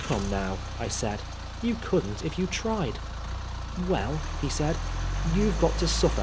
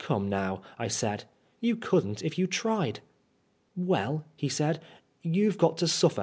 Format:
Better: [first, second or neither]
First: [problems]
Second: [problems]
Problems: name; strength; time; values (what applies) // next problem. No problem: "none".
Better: second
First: background sound (Idling / Engine starting / Accelerating, revving, vroom / Car); 2 dB below the speech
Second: none